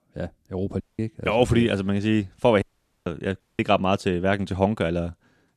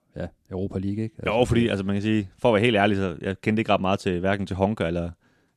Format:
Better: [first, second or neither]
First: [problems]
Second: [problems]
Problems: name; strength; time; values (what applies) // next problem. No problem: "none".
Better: second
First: audio cutting out; at 1 s, at 2.5 s and at 3.5 s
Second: none